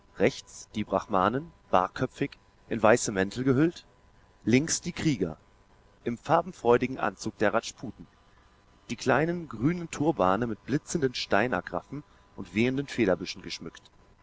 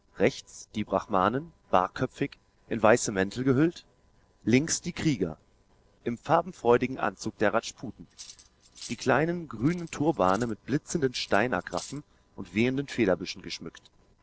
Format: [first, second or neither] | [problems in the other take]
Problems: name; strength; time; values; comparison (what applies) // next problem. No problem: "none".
first | noise reduction (neural separator model SepFormer DNS4)